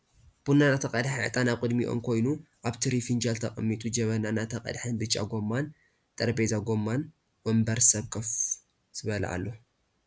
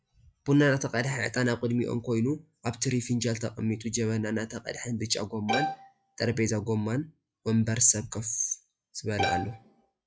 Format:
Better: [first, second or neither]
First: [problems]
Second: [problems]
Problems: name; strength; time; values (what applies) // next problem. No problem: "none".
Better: first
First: none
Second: noise reduction (classical method log-MMSE)